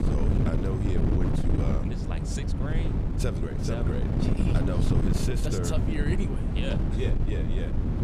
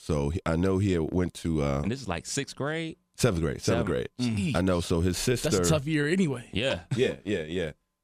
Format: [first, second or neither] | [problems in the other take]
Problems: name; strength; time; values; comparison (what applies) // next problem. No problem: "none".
second | wind noise on the microphone; heavy; 1 dB above the speech